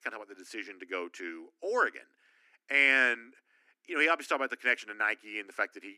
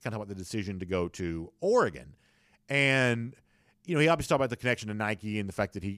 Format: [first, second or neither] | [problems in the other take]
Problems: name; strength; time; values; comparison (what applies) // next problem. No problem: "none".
second | thin; somewhat; fading below 250 Hz